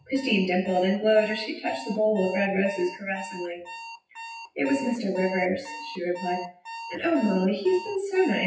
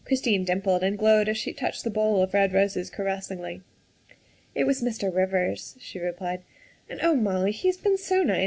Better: second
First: noise reduction (classical method WPE with log-MMSE)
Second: none

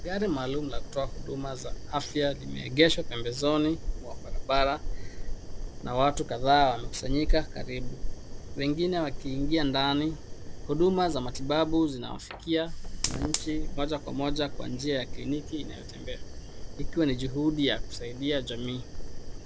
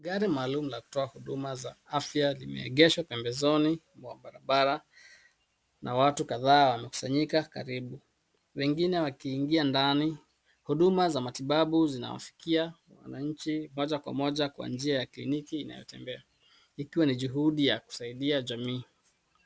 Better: second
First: background sound (Fire); 3 dB below the speech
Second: none

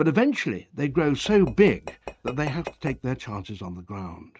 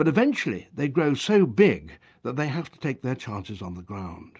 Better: second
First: noise reduction (neural mask model RNNoise)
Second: none

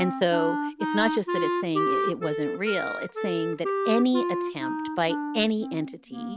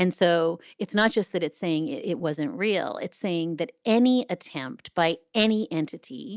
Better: second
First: background sound (Wind instrument, woodwind instrument); 2 dB below the speech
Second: none

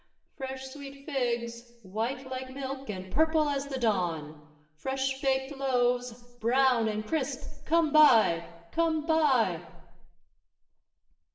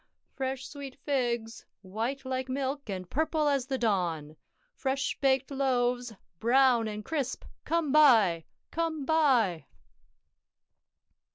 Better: second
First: room echo; dies away in 0.9 s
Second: none

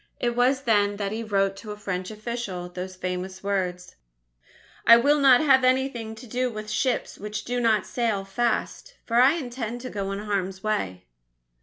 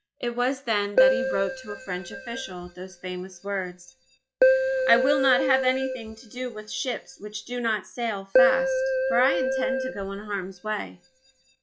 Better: first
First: none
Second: noise reduction (classical method log-MMSE)

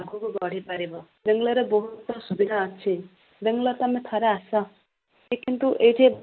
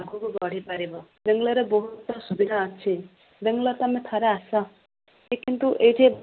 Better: second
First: noise reduction (neural mask model Resemble Enhance denoiser)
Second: none

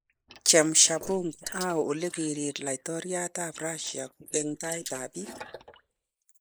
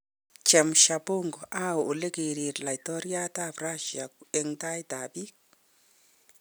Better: second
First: noise reduction (neural mask model Resemble Enhance denoiser)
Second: none

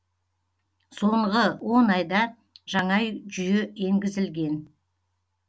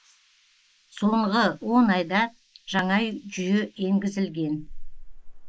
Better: first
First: none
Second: noise reduction (neural mask model Resemble Enhance denoiser)

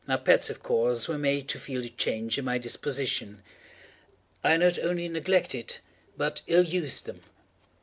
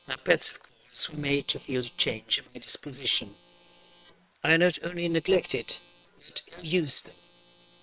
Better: first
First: none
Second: noise reduction (neural separator model SepFormer WHAM!)

